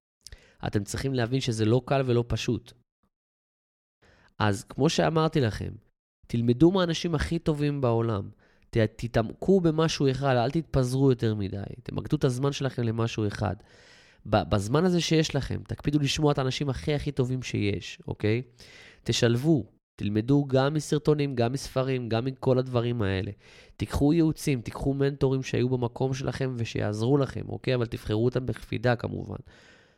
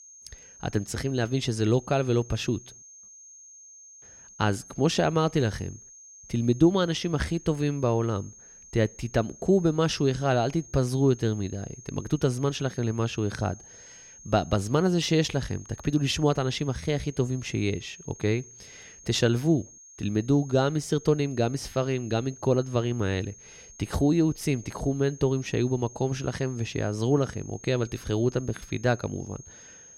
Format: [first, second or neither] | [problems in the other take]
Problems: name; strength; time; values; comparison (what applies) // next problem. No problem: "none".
first | high-pitched whine; noticeable; throughout; 6.5 kHz, 20 dB below the speech